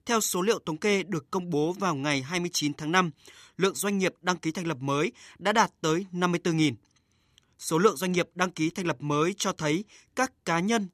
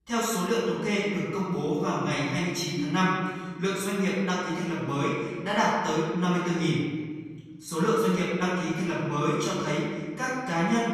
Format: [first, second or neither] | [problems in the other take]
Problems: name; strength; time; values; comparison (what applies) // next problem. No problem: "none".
first | off-mic speech; far // room echo; strong; dies away in 1.5 s